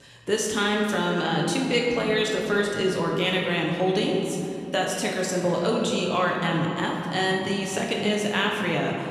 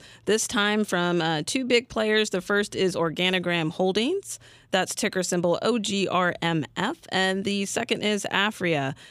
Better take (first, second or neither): second